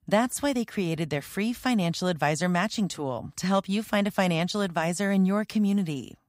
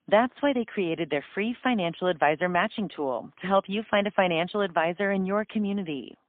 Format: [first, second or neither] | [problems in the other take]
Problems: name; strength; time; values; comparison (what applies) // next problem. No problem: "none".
first | phone-call audio; poor line; nothing above 3 kHz